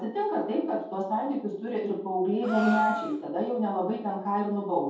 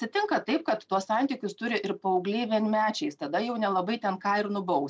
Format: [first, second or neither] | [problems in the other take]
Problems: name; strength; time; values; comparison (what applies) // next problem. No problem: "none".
second | background sound (Gasp); 9 dB below the speech // room echo; dies away in 0.7 s